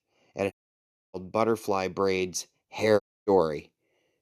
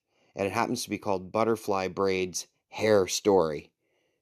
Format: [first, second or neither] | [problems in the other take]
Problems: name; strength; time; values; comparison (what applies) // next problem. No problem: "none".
second | audio cutting out; at 0.5 s for 0.5 s and at 3 s